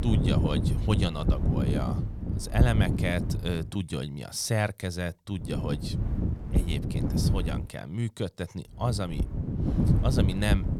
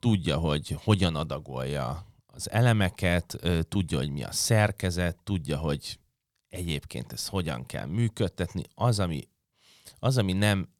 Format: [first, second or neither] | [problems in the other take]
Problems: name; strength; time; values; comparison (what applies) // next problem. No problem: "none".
second | wind noise on the microphone; heavy; until 3.5 s, from 5.5 to 7.5 s and from 9 s on; 4 dB below the speech